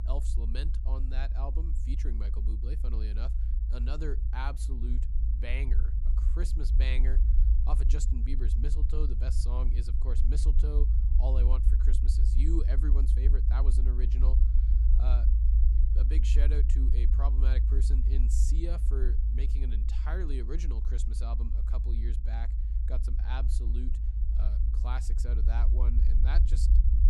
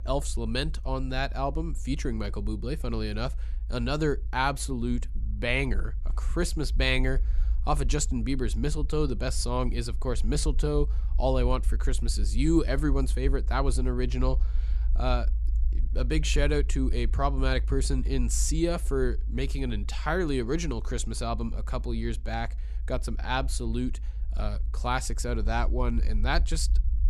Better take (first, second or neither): second